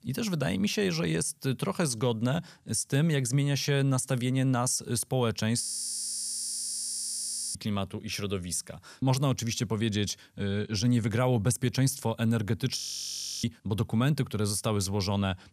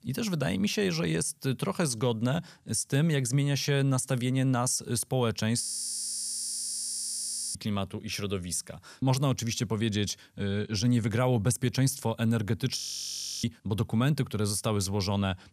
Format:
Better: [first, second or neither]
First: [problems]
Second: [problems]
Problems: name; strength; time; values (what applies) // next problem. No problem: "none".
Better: neither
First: audio freezing; at 5.5 s for 2 s and at 13 s for 0.5 s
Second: audio freezing; at 5.5 s for 2 s and at 13 s for 0.5 s